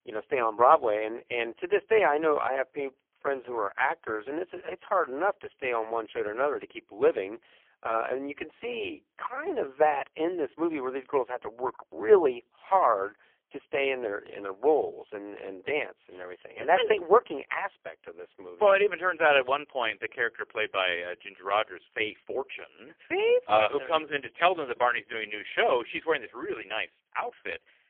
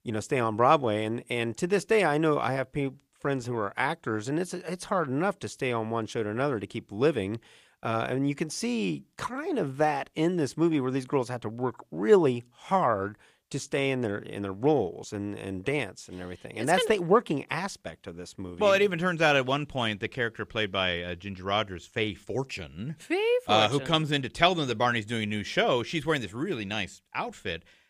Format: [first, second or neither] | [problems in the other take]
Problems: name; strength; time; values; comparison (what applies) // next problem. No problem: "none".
second | phone-call audio; poor line; nothing above 3.5 kHz